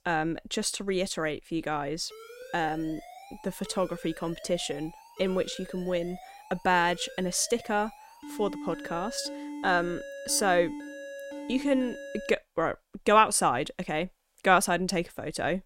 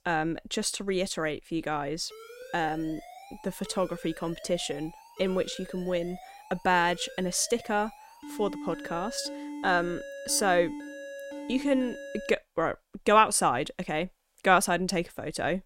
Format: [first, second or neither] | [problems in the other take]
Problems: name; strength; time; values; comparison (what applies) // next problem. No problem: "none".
neither | alarm; noticeable; from 2 to 12 s; peak 10 dB below the speech; the same in both